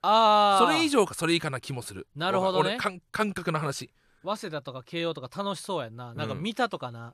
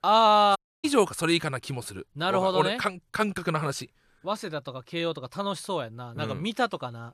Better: first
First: none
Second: audio cutting out; at 0.5 s

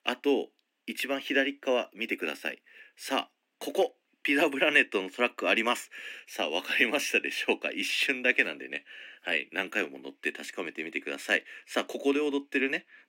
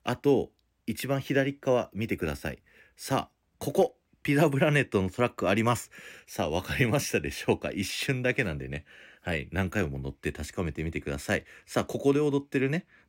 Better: second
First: thin; very slightly; fading below 250 Hz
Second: none

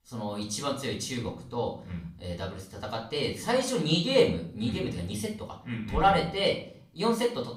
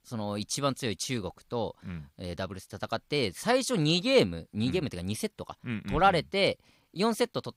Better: second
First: room echo; slight; dies away in 0.4 s // off-mic speech; far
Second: none

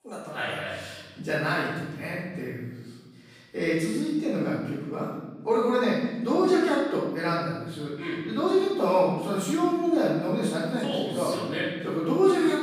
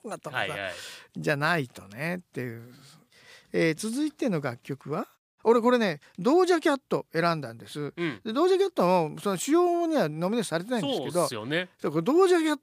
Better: second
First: off-mic speech; far // room echo; strong; dies away in 1.2 s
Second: none

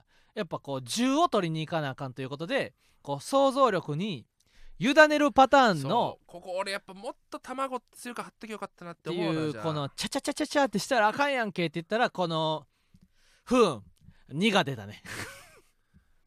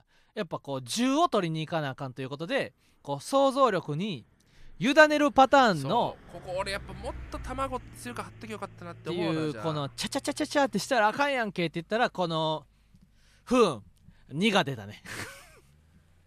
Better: first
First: none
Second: traffic noise; faint; throughout; 20 dB below the speech

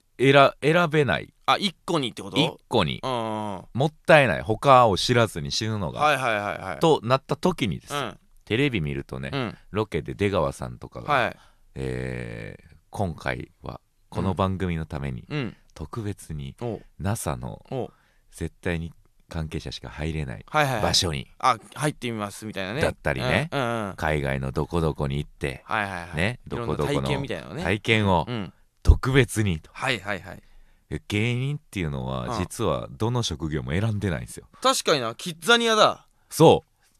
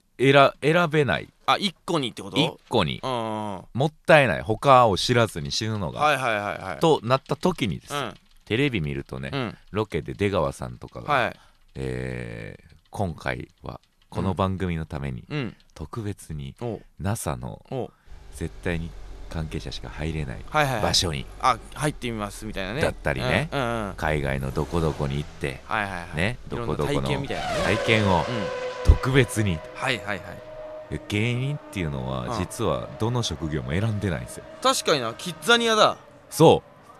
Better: first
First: none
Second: traffic noise; noticeable; throughout; 15 dB below the speech

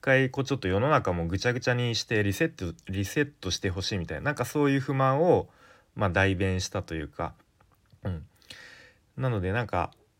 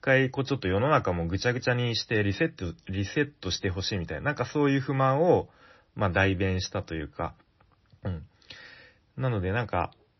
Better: first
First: none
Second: garbled, watery; slightly; nothing above 6 kHz

